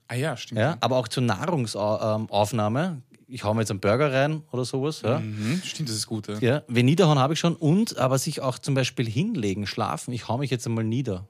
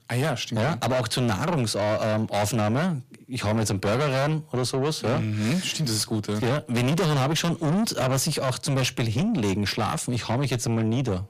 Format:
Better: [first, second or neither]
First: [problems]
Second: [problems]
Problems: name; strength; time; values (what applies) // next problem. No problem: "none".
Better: first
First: none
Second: distortion; heavy; 6 dB below the speech